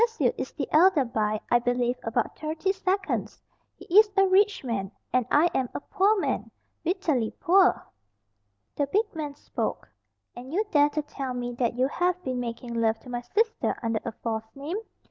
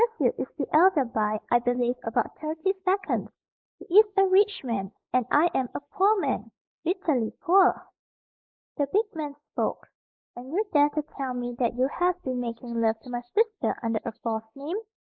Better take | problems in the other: first | noise reduction (neural mask model Resemble Enhance denoiser)

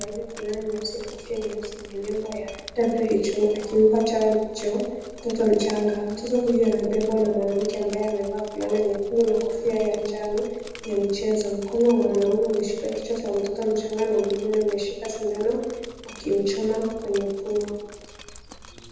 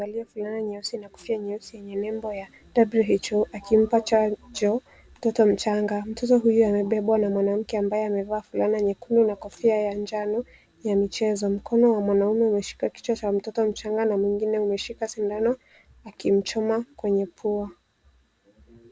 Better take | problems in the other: second | background sound (Drip); 19 dB below the speech // room echo; dies away in 1.1 s

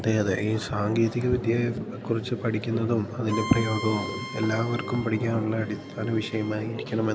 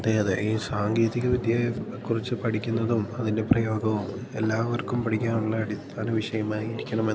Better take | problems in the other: second | background sound (Bowed string instrument); 13 dB below the speech

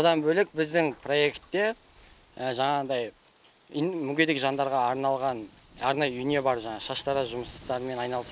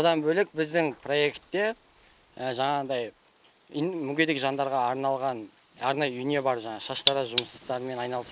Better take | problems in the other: first | noise reduction (neural mask model Resemble Enhance denoiser)

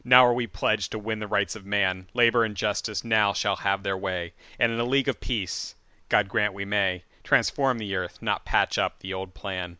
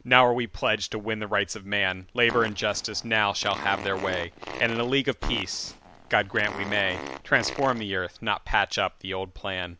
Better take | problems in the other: first | background sound (Fart); 12 dB below the speech

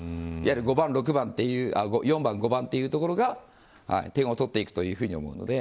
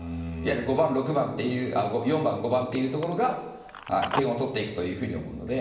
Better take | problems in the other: first | background sound (Telephone); 14 dB below the speech // room echo; dies away in 1 s

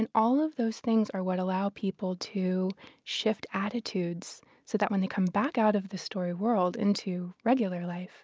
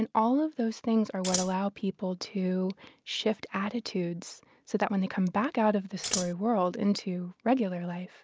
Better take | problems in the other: first | background sound (Scissors); 3 dB below the speech

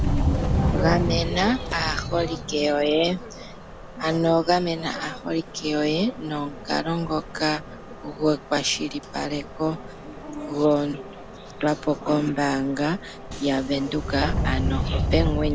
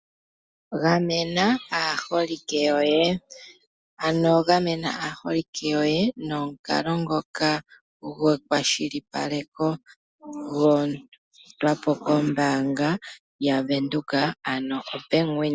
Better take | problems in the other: second | background sound (Subway, metro, underground); 4 dB below the speech

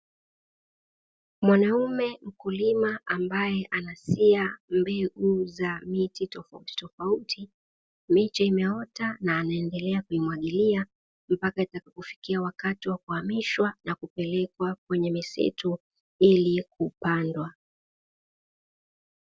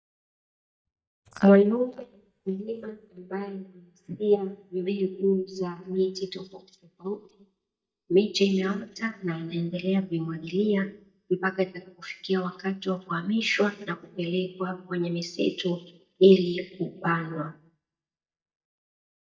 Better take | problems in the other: first | noise reduction (neural mask model DeepFilterNet 3)

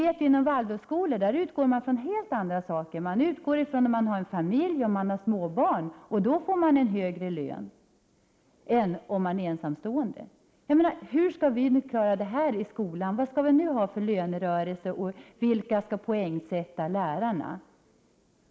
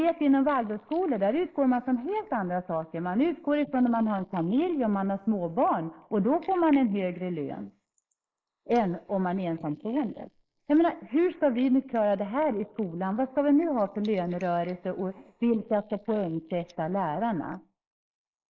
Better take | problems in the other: first | noise reduction (neural mask model Resemble Enhance denoiser)

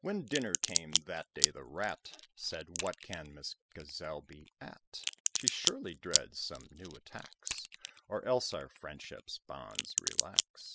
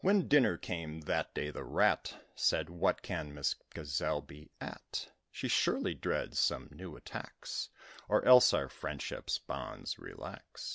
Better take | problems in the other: second | noise reduction (classical method spectral subtraction)

